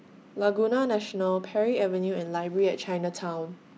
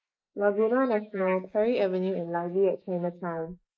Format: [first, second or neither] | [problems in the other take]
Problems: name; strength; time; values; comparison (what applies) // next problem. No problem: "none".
first | noise reduction (neural mask model Resemble Enhance denoiser)